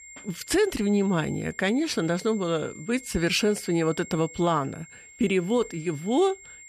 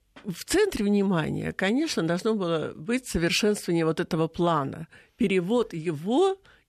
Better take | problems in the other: second | high-pitched whine; noticeable; throughout; 2 kHz, 20 dB below the speech

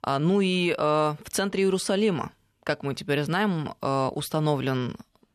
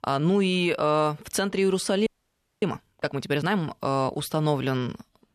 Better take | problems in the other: first | audio freezing; at 2 s for 0.5 s

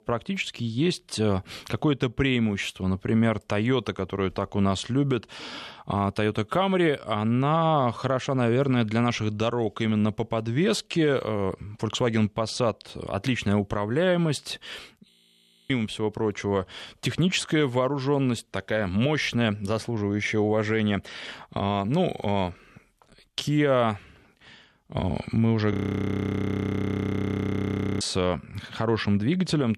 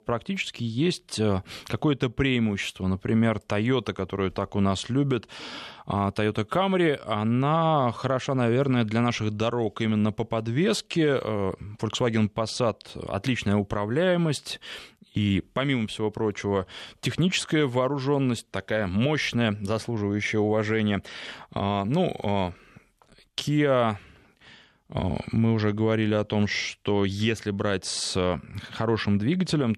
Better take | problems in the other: second | audio freezing; at 15 s for 0.5 s and at 26 s for 2.5 s

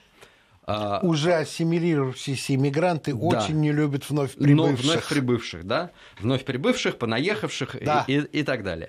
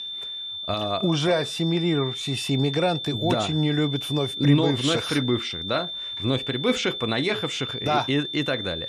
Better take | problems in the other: first | high-pitched whine; loud; throughout; 3.5 kHz, 5 dB below the speech

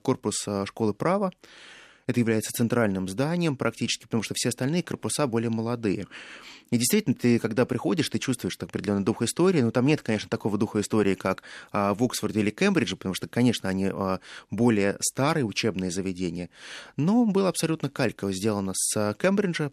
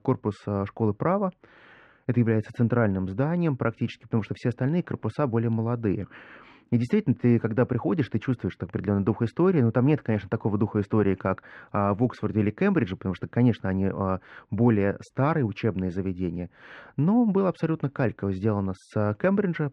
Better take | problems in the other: first | muffled; very; fading above 1.5 kHz

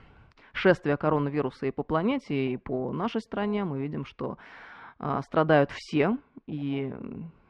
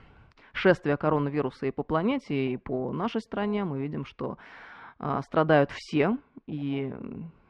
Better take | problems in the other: neither | muffled; very; fading above 2 kHz; the same in both

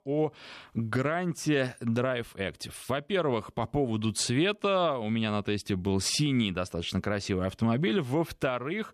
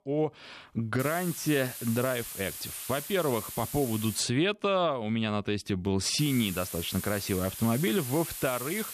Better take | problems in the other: first | hiss; loud; from 1 to 4 s and from 6 s on; 8 dB below the speech

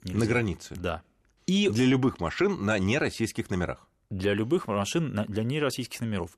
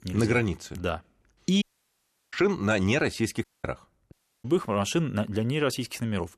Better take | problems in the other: first | audio cutting out; at 1.5 s for 0.5 s, at 3.5 s and at 4 s

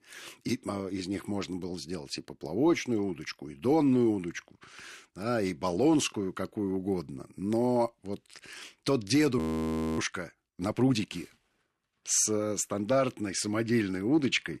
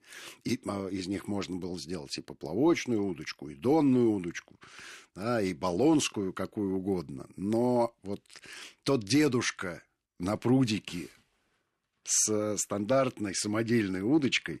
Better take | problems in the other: second | audio freezing; at 9.5 s for 0.5 s

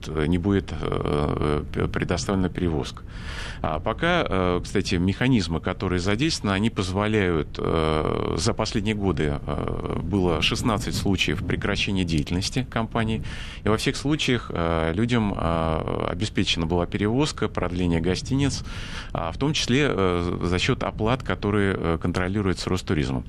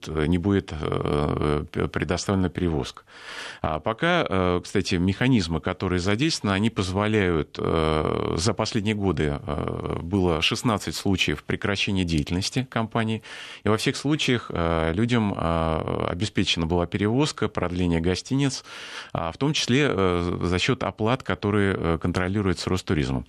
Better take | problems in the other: second | wind noise on the microphone; occasional gusts; 20 dB below the speech

